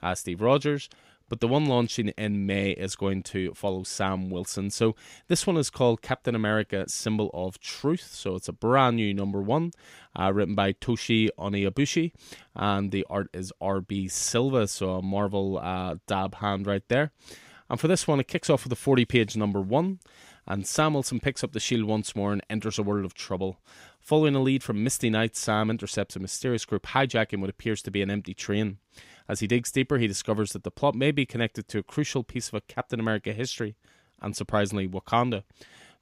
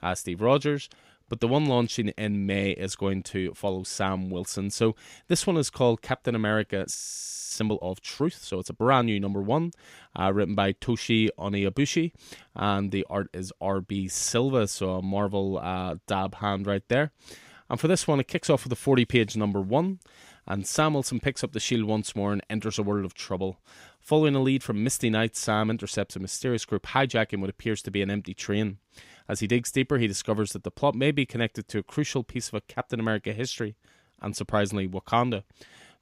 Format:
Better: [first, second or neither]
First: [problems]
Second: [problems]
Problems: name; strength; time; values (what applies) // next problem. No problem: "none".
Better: first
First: none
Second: audio freezing; at 7 s for 0.5 s